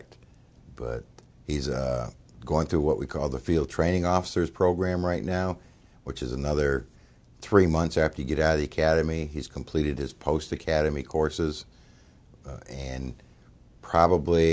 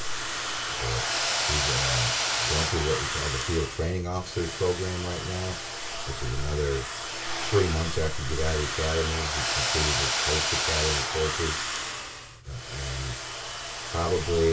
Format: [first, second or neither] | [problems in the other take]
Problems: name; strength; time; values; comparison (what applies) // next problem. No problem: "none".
first | background sound (Domestic sounds, home sounds); as loud as the speech // room echo; dies away in 0.2 s